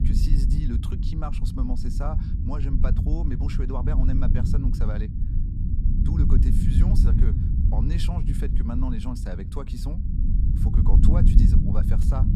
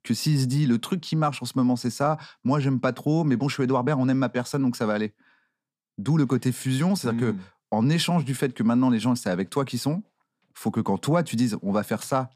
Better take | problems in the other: second | low rumble; loud; throughout; as loud as the speech

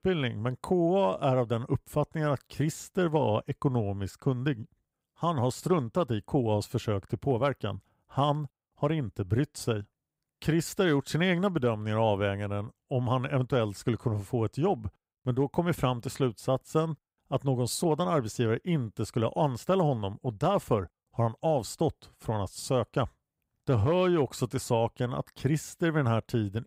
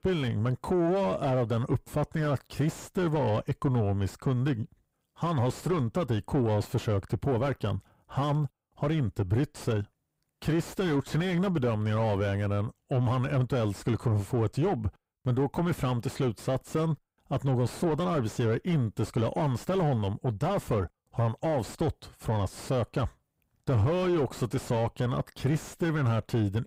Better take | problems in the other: first | distortion; heavy; 7 dB below the speech

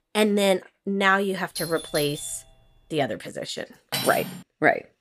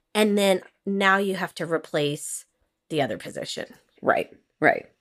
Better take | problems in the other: second | doorbell; noticeable; at 1.5 s; peak 8 dB below the speech // clattering dishes; noticeable; at 4 s; peak 3 dB below the speech

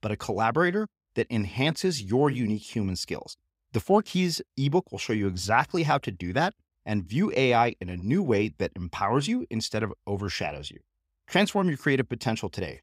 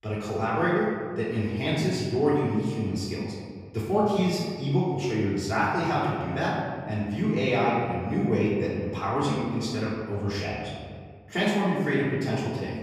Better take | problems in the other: first | off-mic speech; far // room echo; noticeable; dies away in 1.8 s

